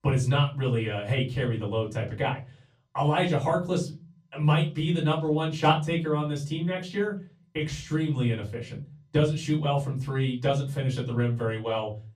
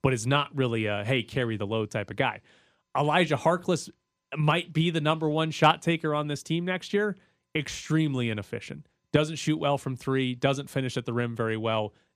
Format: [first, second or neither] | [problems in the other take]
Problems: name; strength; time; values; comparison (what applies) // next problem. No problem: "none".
second | off-mic speech; far // room echo; very slight; dies away in 0.5 s